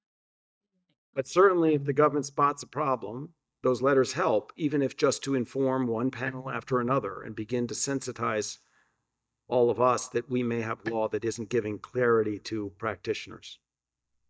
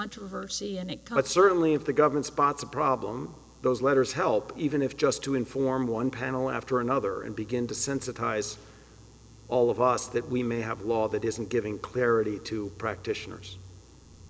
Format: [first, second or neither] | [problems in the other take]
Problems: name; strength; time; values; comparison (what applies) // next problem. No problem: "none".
second | noise reduction (neural mask model DeepFilterNet 3)